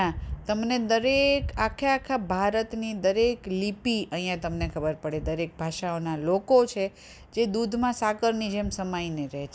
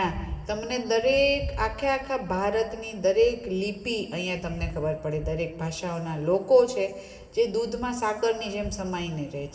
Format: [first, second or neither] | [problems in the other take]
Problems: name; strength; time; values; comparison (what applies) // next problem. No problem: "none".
first | room echo; dies away in 3 s